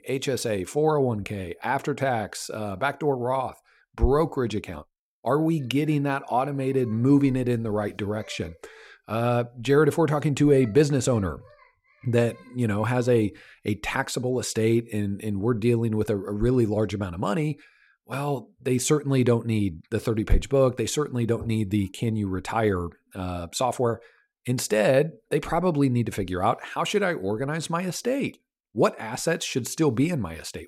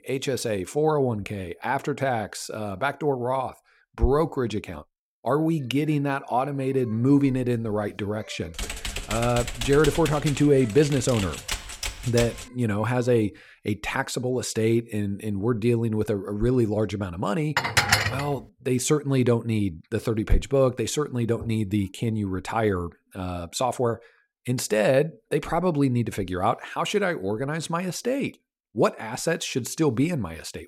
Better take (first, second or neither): first